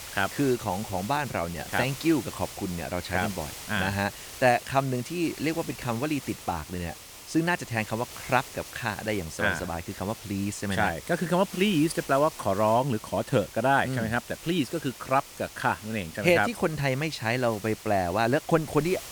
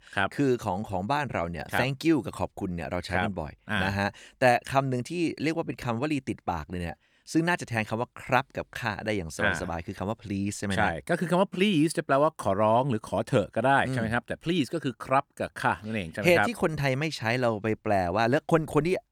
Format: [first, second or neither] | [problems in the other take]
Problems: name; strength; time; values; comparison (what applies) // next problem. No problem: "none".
second | hiss; noticeable; throughout; 15 dB below the speech